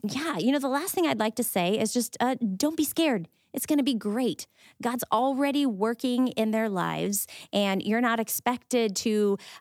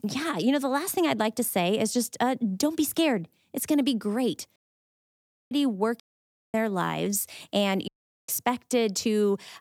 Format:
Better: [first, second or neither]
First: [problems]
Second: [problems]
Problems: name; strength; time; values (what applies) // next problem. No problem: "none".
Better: first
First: none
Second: audio cutting out; at 4.5 s for 1 s, at 6 s for 0.5 s and at 8 s